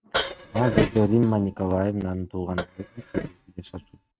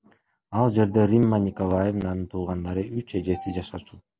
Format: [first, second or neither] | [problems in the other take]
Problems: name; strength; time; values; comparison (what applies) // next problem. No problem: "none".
second | noise reduction (neural mask model RNNoise)